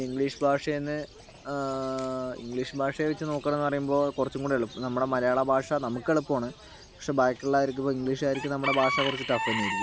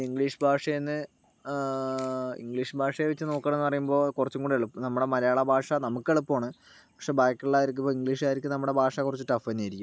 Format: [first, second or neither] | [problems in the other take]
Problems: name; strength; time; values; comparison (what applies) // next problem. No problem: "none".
second | background sound (Bird / Chicken, rooster); 10 dB below the speech